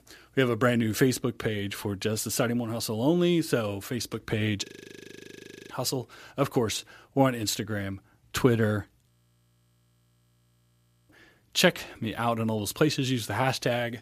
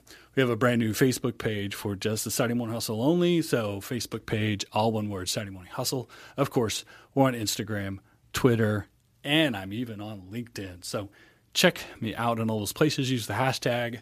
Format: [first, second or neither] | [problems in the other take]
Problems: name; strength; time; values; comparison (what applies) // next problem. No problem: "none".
second | audio freezing; at 4.5 s for 1 s and at 9 s for 2 s